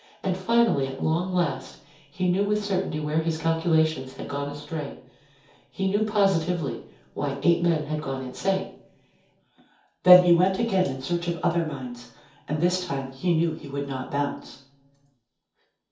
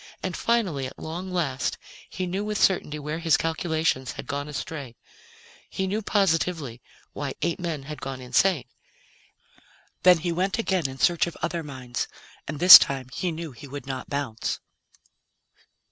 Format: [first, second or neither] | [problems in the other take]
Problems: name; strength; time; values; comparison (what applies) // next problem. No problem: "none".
second | room echo; dies away in 0.6 s